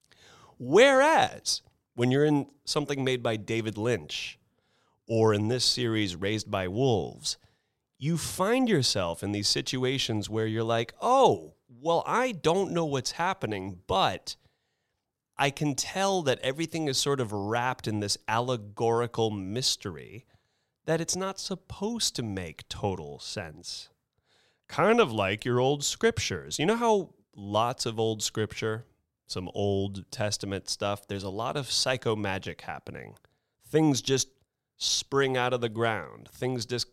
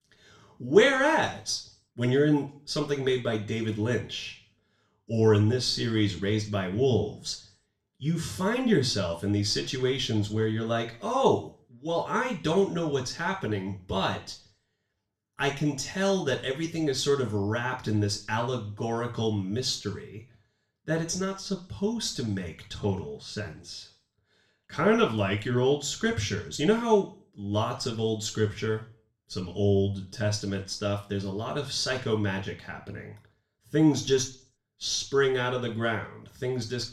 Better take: first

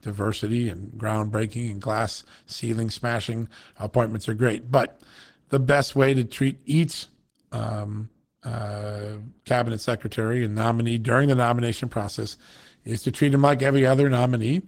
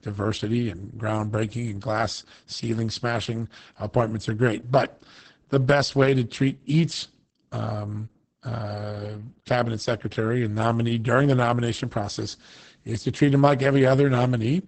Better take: first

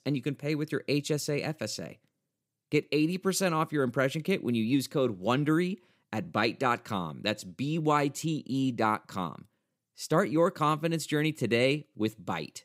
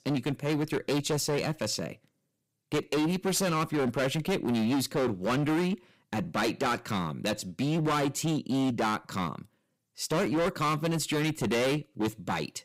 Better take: first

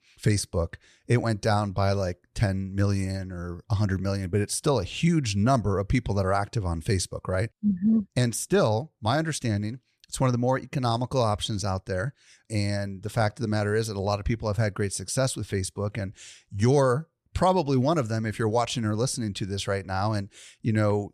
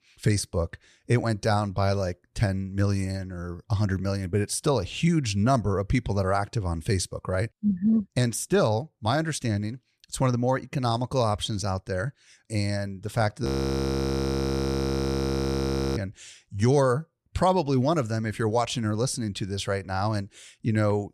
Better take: first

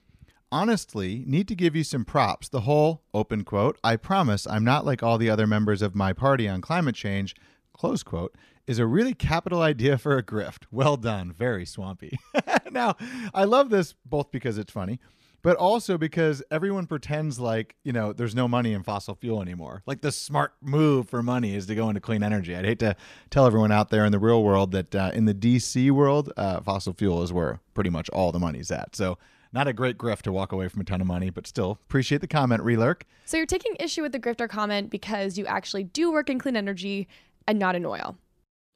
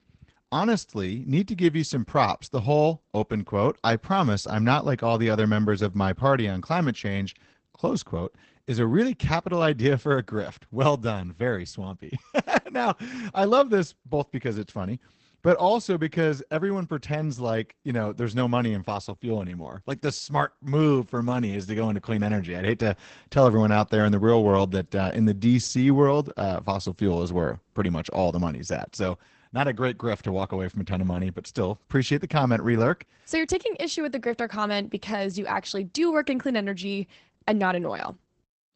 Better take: first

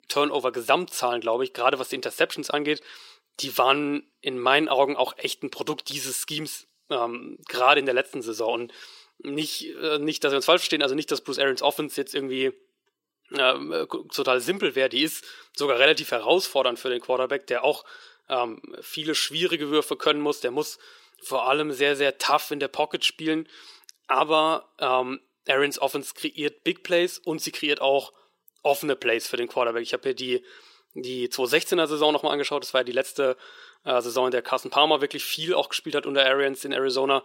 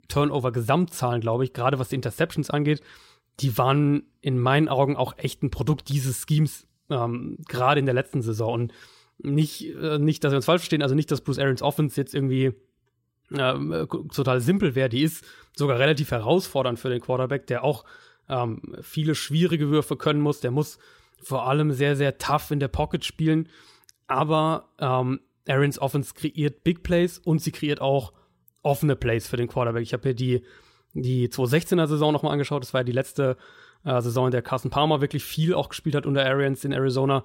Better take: second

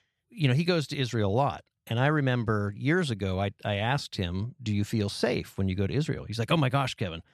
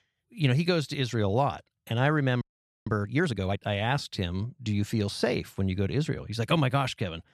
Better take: first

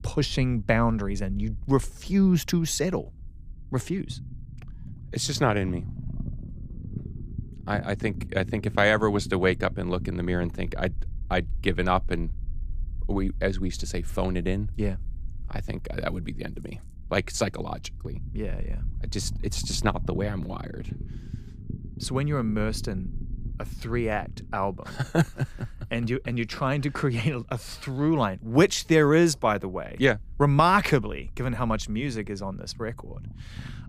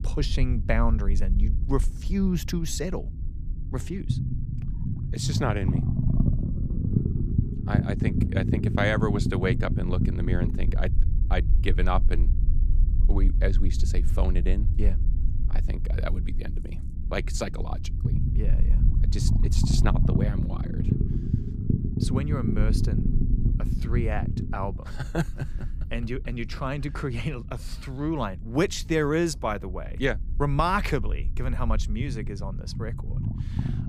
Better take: first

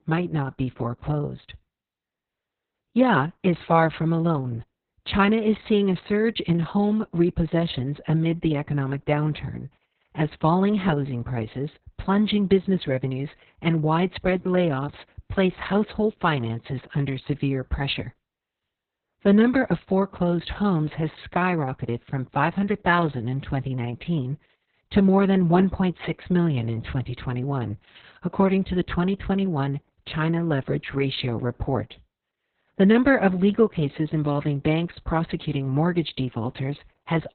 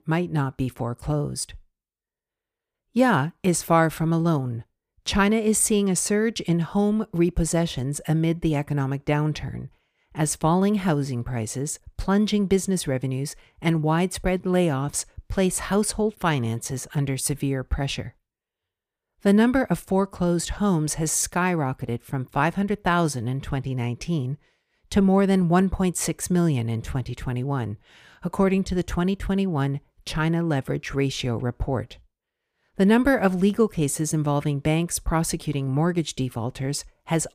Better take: second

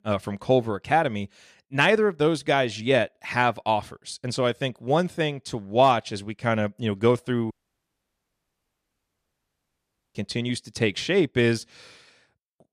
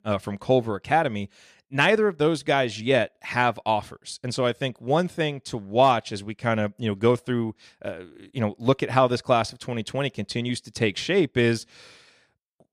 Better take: second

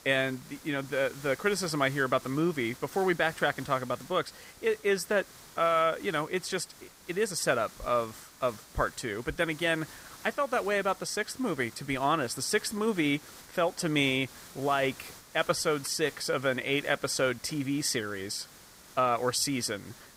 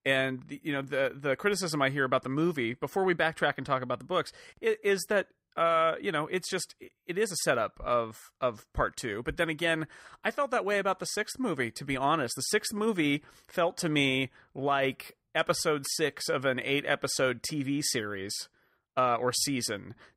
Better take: second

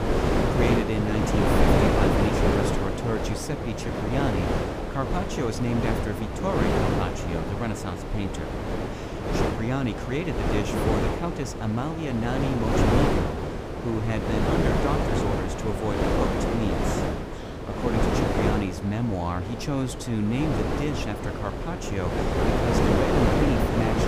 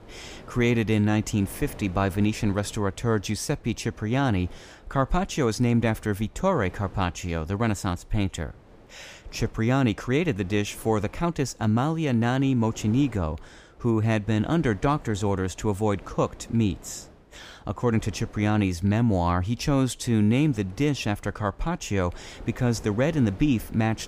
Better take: second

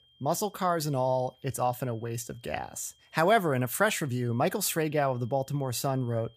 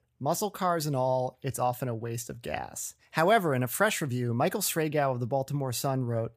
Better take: second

